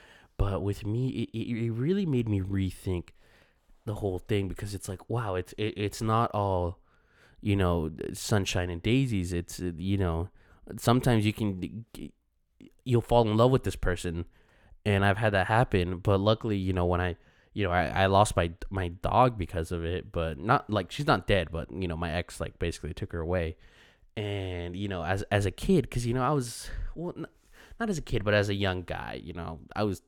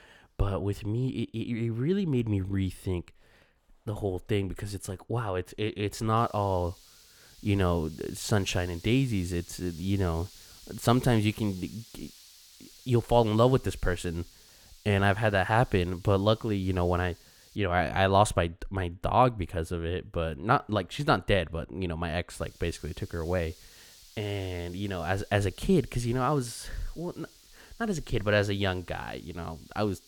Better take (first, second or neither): first